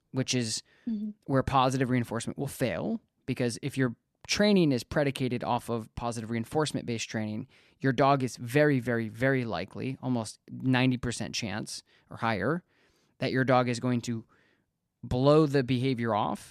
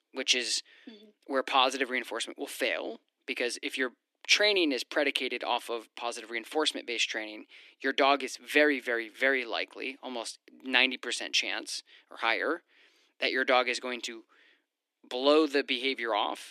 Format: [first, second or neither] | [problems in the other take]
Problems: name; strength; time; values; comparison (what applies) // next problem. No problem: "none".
first | thin; somewhat; fading below 300 Hz